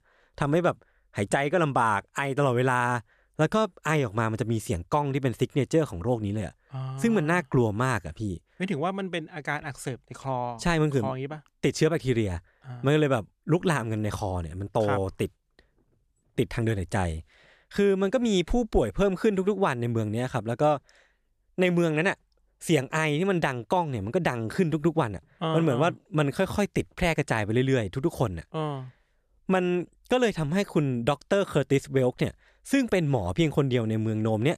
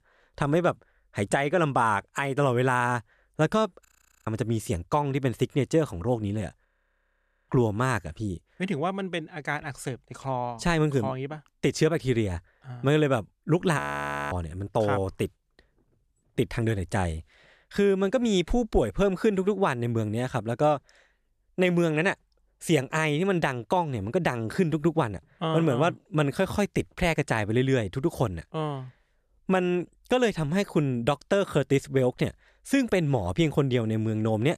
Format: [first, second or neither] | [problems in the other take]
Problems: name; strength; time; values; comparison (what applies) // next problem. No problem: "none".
first | audio freezing; at 4 s, at 6.5 s for 1 s and at 14 s for 0.5 s